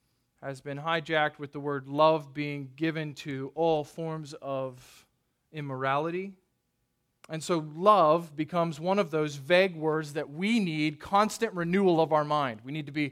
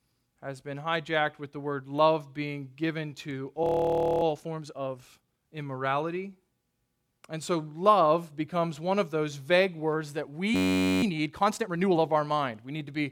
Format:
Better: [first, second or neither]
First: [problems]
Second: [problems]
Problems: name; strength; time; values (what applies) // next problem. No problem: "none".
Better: first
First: none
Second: audio freezing; at 3.5 s for 0.5 s and at 11 s